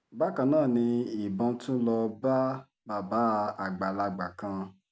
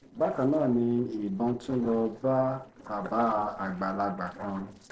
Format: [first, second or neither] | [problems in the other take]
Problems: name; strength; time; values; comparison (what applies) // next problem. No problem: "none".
first | noise reduction (neural separator model SepFormer DNS4)